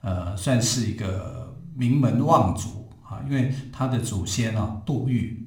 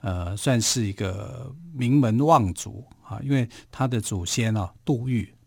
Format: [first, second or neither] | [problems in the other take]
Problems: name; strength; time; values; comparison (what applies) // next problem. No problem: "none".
second | room echo; slight; dies away in 0.5 s